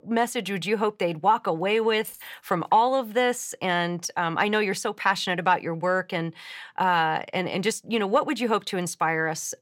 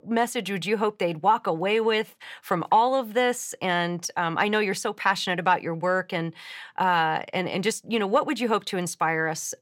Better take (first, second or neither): second